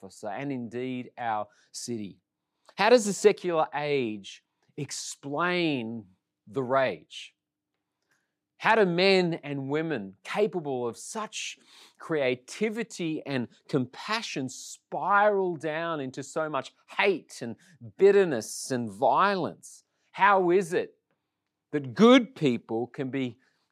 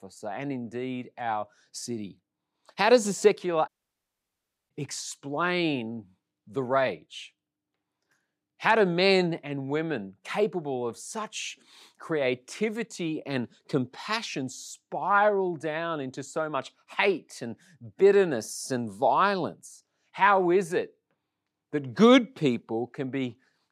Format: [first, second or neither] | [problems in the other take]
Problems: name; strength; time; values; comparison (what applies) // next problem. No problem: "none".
first | audio cutting out; at 3.5 s for 1 s